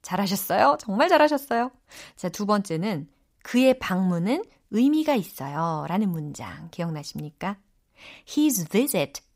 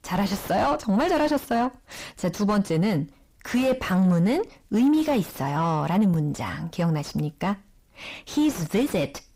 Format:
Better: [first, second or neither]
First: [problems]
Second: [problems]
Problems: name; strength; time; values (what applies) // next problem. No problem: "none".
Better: first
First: none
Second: distortion; heavy; 5 dB below the speech